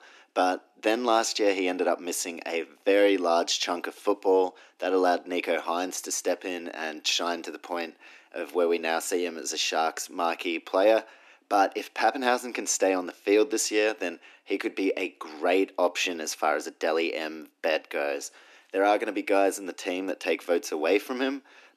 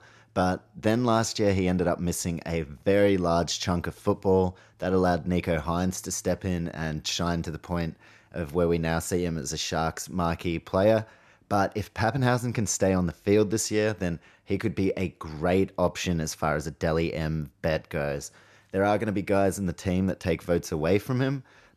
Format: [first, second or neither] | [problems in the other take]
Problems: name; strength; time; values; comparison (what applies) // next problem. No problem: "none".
second | thin; somewhat; fading below 250 Hz